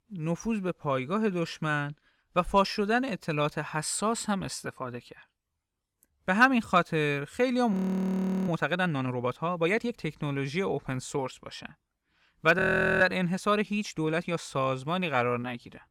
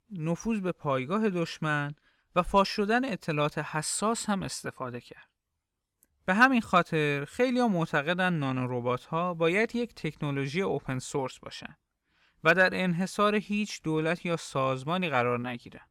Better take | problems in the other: second | audio freezing; at 7.5 s for 0.5 s and at 13 s

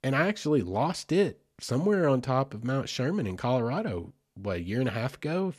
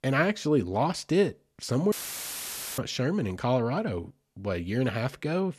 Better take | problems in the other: first | audio cutting out; filled with static; at 2 s for 1 s

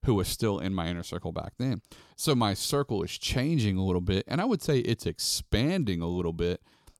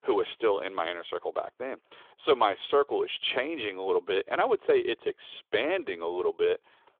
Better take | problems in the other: first | phone-call audio; nothing above 3.5 kHz

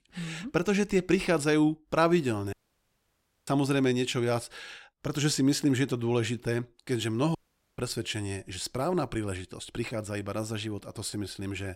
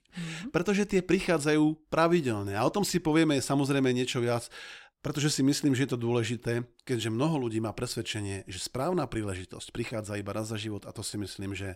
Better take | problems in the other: second | audio cutting out; at 2.5 s for 1 s and at 7.5 s

